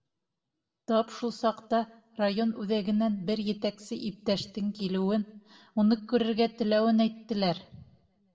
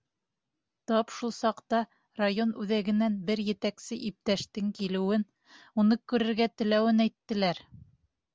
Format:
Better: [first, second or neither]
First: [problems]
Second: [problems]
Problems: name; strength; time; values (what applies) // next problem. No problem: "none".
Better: second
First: room echo; dies away in 0.3 s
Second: none